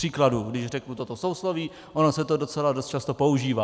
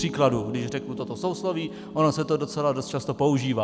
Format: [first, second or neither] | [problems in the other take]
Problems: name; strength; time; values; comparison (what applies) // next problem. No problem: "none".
first | background sound (Piano); 12 dB below the speech